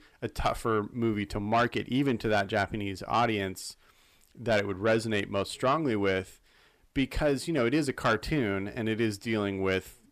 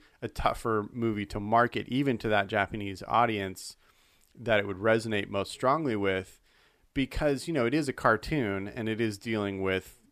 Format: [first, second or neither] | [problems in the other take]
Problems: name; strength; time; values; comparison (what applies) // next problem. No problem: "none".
second | distortion; slight; 10 dB below the speech